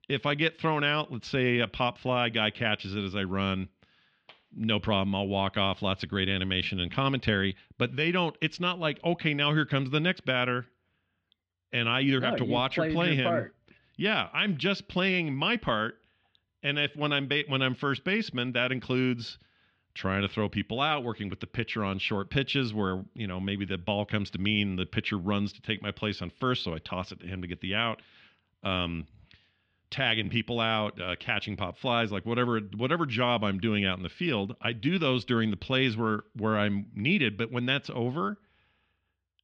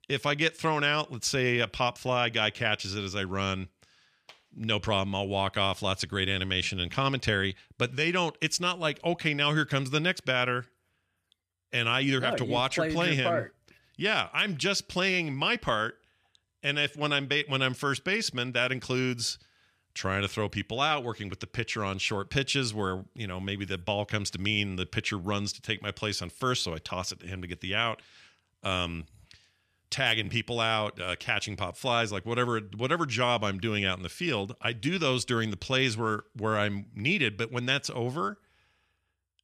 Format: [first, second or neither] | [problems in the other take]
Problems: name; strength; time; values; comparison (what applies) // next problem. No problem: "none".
second | muffled; slightly; fading above 3.5 kHz